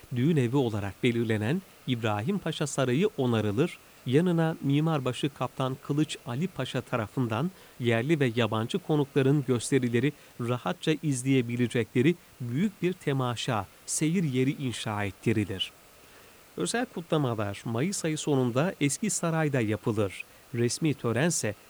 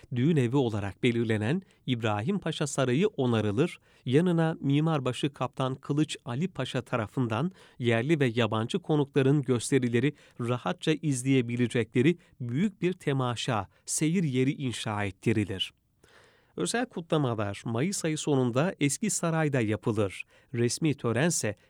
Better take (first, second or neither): second